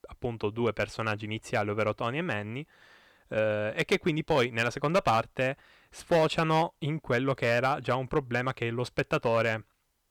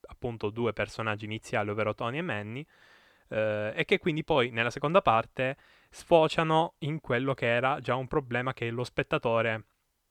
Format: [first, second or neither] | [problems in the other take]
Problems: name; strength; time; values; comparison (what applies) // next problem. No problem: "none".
second | distortion; slight; 2% of the sound clipped